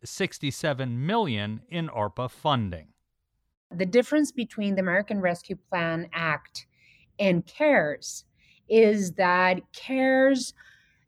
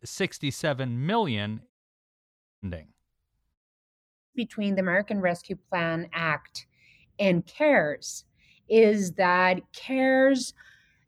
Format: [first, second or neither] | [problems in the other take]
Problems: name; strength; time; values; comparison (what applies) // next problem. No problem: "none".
first | audio cutting out; at 1.5 s for 1 s and at 3.5 s for 0.5 s